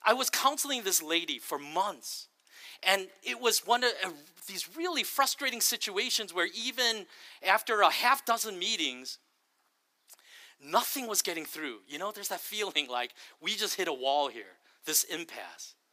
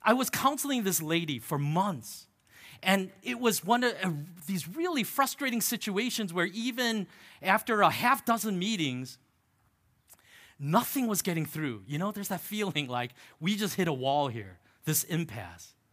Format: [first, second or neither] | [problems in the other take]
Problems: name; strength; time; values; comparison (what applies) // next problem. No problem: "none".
second | thin; somewhat; fading below 350 Hz